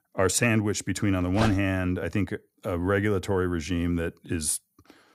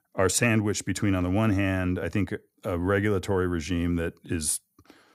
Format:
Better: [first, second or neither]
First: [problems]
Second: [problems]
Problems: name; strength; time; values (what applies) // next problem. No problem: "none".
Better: second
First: dog barking; noticeable; at 1.5 s; peak 5 dB below the speech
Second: none